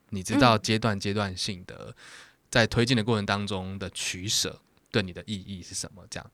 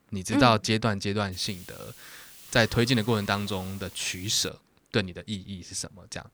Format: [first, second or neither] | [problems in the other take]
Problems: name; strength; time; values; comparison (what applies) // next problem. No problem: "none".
first | hiss; noticeable; from 1.5 to 4.5 s; 20 dB below the speech